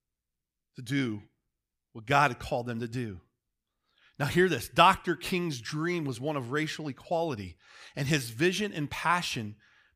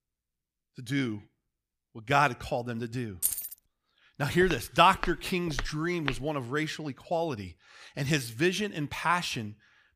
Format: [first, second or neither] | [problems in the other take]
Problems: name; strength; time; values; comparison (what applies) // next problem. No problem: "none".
first | jangling keys; noticeable; at 3 s; peak level with the speech // footsteps; noticeable; from 4.5 to 6 s; peak 8 dB below the speech